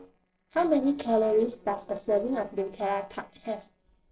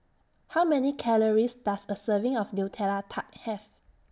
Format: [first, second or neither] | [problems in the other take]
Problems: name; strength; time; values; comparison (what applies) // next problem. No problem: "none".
second | noise reduction (neural separator model SepFormer DNS4)